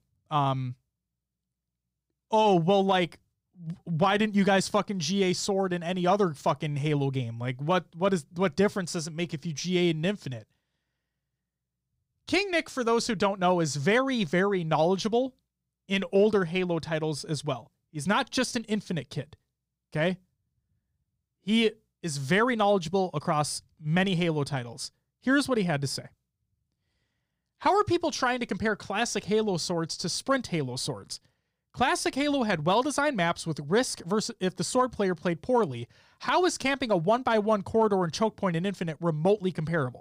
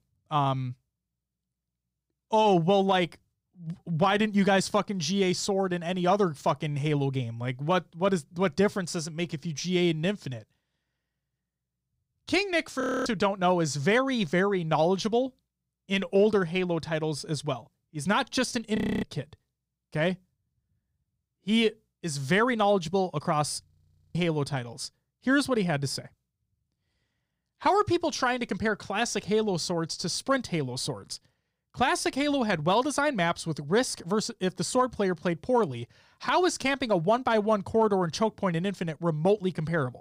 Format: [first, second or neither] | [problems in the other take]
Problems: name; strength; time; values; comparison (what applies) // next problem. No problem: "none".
first | audio freezing; at 13 s, at 19 s and at 24 s